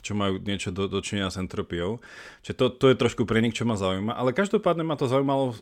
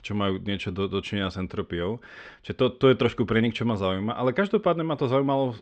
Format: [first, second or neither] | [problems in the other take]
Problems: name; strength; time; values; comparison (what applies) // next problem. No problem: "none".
first | muffled; slightly; fading above 4 kHz